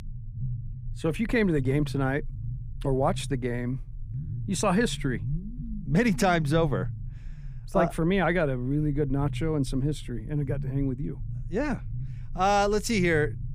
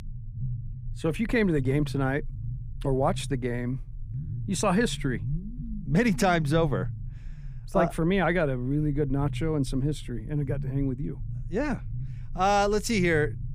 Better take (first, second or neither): neither